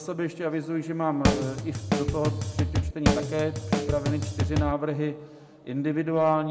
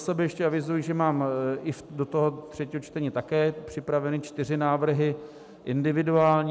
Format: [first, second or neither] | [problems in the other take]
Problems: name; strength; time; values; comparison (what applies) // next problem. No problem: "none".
second | background sound (Drum kit); 2 dB above the speech // room echo; dies away in 0.9 s